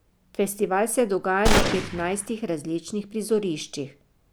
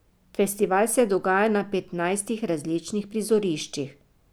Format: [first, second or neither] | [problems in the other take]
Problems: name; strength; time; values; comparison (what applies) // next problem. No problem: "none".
second | background sound (Gunshot, gunfire); 2 dB above the speech